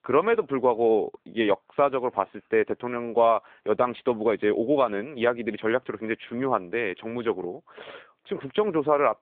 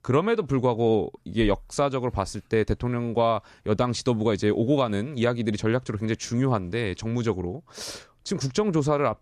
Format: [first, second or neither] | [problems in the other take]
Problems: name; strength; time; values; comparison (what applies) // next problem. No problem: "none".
second | phone-call audio; nothing above 3.5 kHz